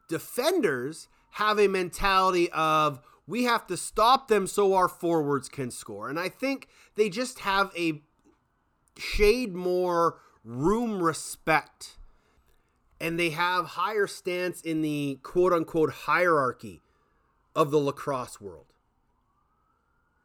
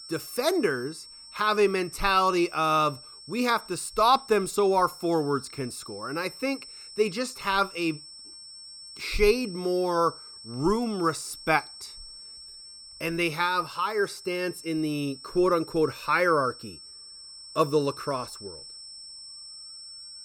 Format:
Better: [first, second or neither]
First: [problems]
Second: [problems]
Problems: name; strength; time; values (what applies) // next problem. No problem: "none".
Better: first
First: none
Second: high-pitched whine; noticeable; throughout; 5.5 kHz, 15 dB below the speech